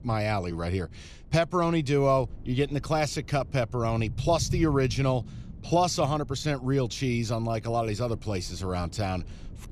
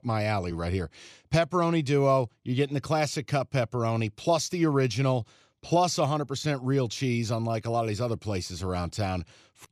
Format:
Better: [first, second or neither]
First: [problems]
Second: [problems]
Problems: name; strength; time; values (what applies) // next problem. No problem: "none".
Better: second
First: low rumble; faint; throughout; 25 dB below the speech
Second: none